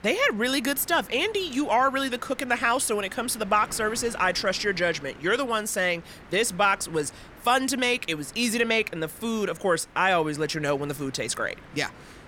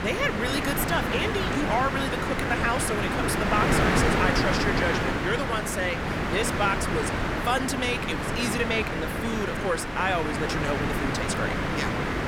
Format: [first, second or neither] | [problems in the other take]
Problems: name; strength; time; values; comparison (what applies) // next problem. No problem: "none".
first | wind noise on the microphone; heavy; 1 dB above the speech; occasional gusts in the first